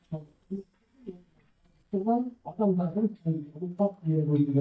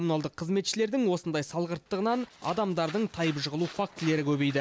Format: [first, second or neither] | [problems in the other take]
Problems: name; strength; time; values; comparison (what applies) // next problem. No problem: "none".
second | noise reduction (neural mask model DeepFilterNet 3)